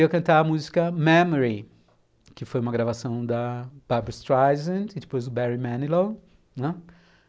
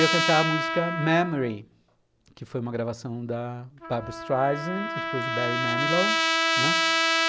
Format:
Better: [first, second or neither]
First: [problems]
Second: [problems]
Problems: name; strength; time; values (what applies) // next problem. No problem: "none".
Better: first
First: none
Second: background sound (Trumpet); 1 dB above the speech